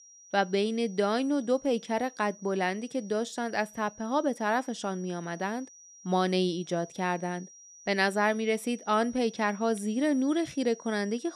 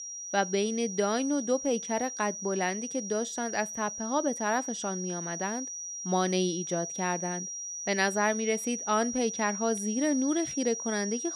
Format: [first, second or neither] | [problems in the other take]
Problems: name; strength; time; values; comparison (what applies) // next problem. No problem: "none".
first | high-pitched whine; loud; throughout; 5.5 kHz, 5 dB below the speech; faint in the first